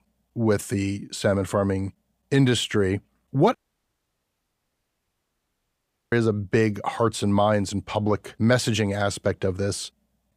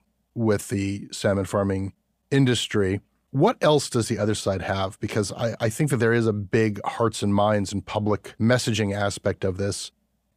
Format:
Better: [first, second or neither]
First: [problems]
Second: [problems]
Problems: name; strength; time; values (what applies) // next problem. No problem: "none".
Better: second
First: audio cutting out; at 3.5 s for 2.5 s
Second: none